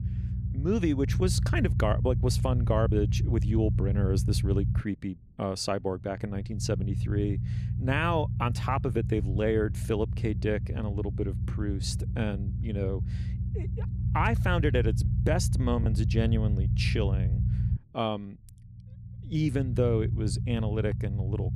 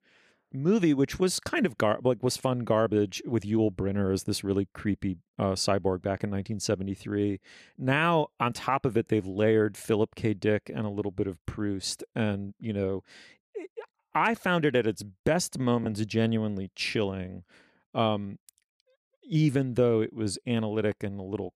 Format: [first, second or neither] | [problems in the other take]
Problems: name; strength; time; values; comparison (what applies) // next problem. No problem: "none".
second | low rumble; noticeable; throughout; 10 dB below the speech